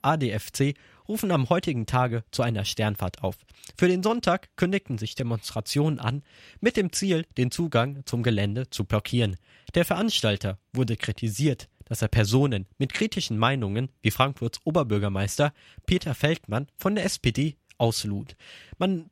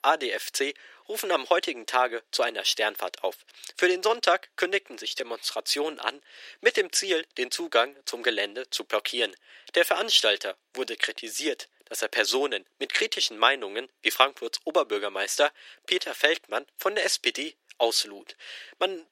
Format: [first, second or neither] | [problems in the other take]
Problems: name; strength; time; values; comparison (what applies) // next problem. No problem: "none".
first | thin; very; fading below 350 Hz